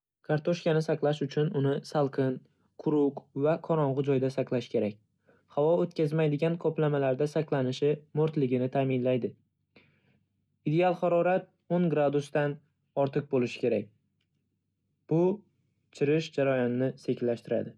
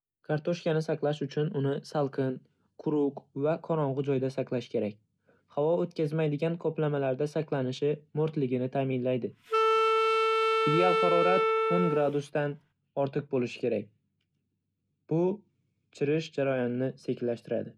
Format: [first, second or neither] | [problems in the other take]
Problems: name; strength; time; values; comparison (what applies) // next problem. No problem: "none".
first | background sound (Wind instrument, woodwind instrument); 4 dB above the speech